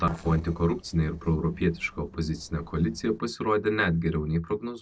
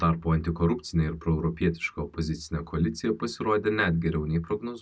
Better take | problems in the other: second | noise reduction (neural separator model SepFormer DNS4)

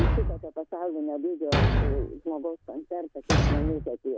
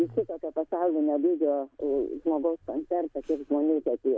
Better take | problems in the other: second | background sound (Thump, thud); 5 dB above the speech

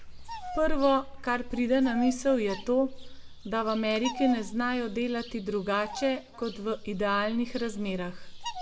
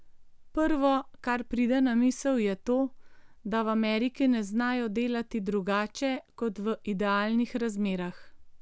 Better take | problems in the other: second | background sound (Bird vocalization, bird call, bird song); 15 dB below the speech // room echo; dies away in 0.5 s

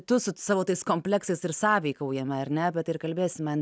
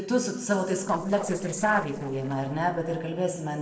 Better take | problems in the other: first | noise reduction (neural separator model SepFormer DNS4)

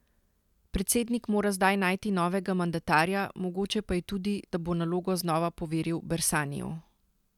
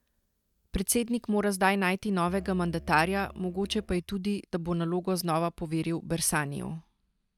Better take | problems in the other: first | noise reduction (neural mask model DeepFilterNet 3)

